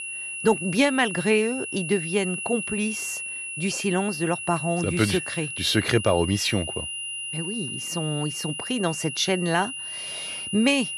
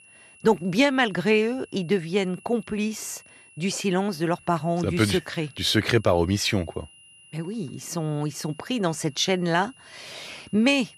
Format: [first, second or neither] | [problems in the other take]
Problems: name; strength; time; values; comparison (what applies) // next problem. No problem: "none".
second | high-pitched whine; loud; throughout; 2.5 kHz, 6 dB below the speech; faint in the second